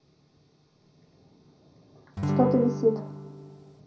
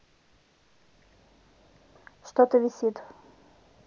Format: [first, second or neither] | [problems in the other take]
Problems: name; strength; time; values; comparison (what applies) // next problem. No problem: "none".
second | background sound (Acoustic guitar / Strum); 1 dB below the speech // room echo; dies away in 0.5 s